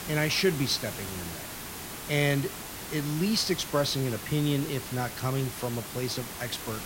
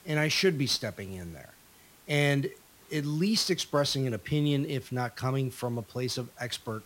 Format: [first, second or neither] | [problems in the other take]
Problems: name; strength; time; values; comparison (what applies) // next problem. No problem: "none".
second | hiss; loud; throughout; 8 dB below the speech; faint in the second